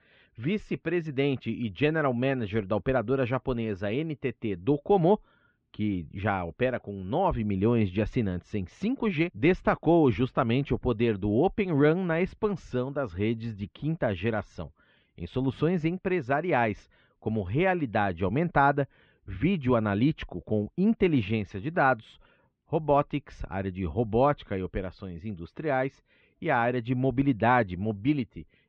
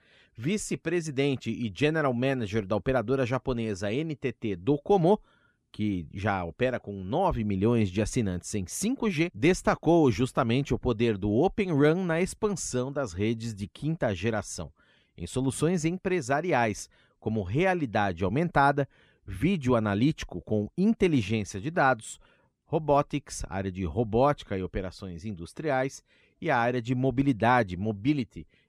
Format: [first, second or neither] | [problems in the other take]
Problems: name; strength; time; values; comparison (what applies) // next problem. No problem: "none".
second | muffled; very; fading above 3.5 kHz